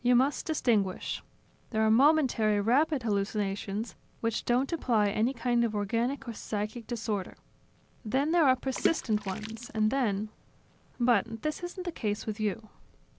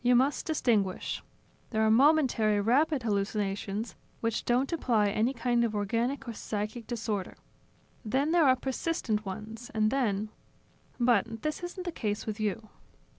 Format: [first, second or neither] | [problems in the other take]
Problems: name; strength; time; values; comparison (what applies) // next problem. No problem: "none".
second | background sound (Water / Splash, splatter); 10 dB below the speech